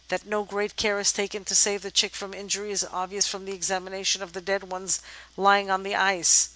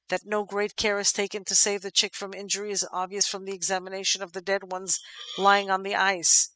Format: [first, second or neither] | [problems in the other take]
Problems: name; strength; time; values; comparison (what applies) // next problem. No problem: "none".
first | noise reduction (classical method spectral subtraction)